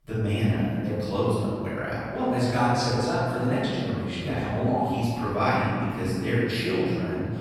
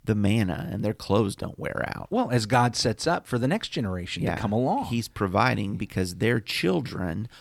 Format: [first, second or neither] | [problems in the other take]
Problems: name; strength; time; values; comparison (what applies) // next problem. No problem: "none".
second | room echo; strong; dies away in 1.9 s // off-mic speech; far